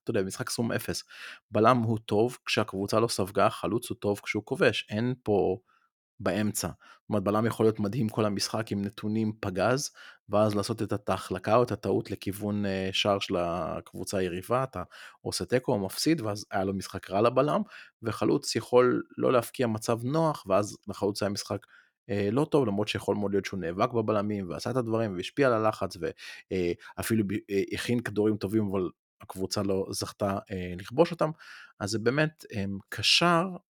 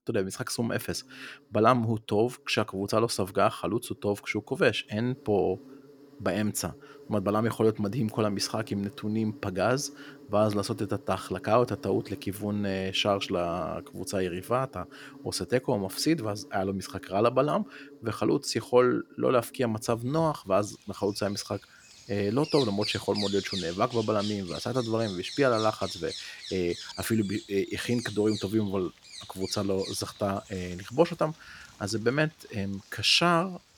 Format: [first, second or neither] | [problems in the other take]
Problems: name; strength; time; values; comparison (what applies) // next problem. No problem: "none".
first | animal sounds; noticeable; throughout; 15 dB below the speech